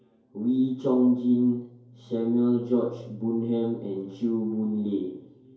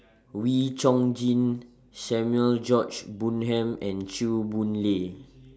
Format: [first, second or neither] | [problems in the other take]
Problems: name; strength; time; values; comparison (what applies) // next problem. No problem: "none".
second | room echo; dies away in 2.4 s